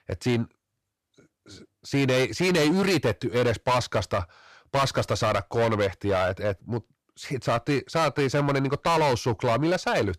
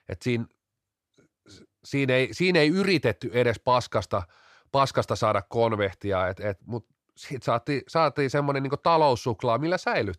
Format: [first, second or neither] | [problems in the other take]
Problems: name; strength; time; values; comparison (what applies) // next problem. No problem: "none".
second | distortion; heavy; 13% of the sound clipped